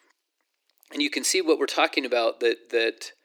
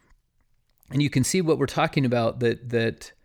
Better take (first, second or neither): second